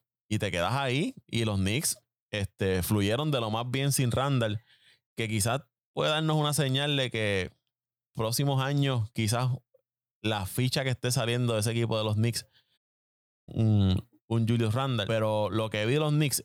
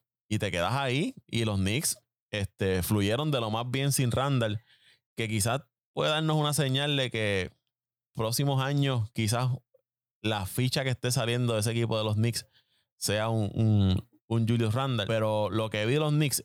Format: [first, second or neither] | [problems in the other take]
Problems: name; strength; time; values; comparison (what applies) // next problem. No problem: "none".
second | audio cutting out; at 13 s for 0.5 s